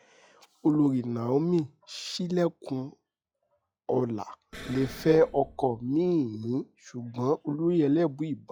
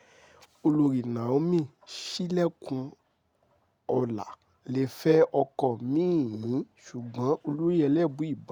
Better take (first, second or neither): second